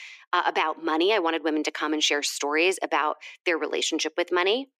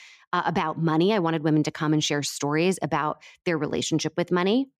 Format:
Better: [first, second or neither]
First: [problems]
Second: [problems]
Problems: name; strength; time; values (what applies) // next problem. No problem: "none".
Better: second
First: thin; very; fading below 350 Hz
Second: none